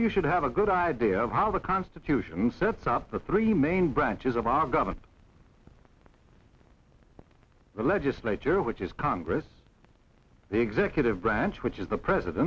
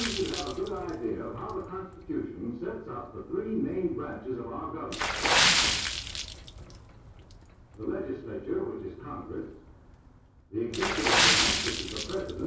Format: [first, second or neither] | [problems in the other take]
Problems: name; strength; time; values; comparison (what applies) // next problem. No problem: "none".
first | background sound (Water / Splash, splatter); 3 dB above the speech // room echo; dies away in 0.6 s